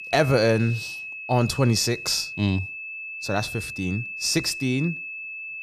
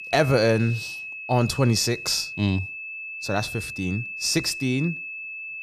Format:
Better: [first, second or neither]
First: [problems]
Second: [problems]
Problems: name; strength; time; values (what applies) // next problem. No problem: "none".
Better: neither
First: high-pitched whine; loud; throughout; 2.5 kHz, 9 dB below the speech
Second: high-pitched whine; loud; throughout; 2.5 kHz, 9 dB below the speech